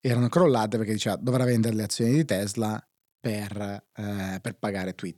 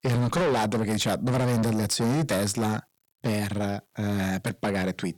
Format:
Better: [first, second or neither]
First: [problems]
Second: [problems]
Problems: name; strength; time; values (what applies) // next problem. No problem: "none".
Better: first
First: none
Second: distortion; heavy; 6 dB below the speech